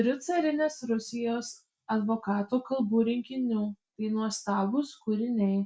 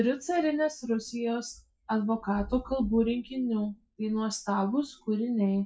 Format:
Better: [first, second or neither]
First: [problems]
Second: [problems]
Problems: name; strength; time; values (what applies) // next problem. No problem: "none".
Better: first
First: none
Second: noise reduction (classical method log-MMSE)